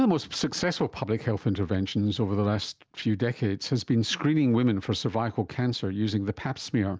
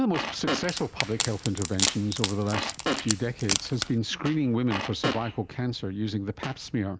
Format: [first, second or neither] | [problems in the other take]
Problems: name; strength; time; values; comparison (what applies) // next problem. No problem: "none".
first | background sound (Wood + Fart); 3 dB below the speech